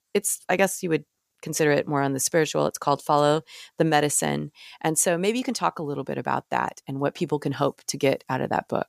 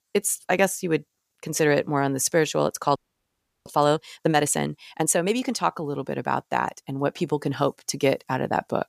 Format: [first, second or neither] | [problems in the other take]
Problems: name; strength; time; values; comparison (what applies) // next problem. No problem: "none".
first | audio freezing; at 3 s for 0.5 s